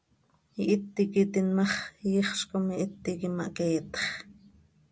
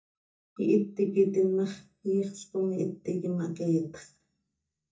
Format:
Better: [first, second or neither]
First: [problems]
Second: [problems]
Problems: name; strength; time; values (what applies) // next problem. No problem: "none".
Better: first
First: none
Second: noise reduction (neural mask model DeepFilterNet 3)